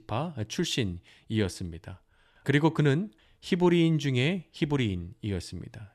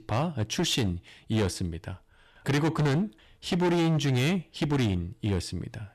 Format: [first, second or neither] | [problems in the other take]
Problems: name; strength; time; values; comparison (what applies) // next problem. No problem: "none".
first | distortion; heavy; 14% of the sound clipped